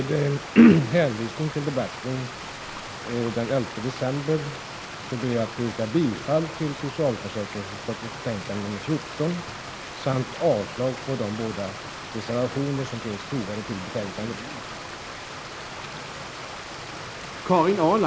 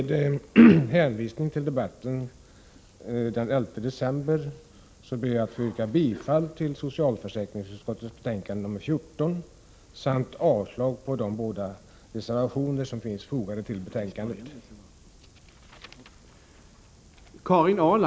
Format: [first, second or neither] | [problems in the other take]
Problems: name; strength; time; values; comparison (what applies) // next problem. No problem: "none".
second | background sound (Stream); 11 dB below the speech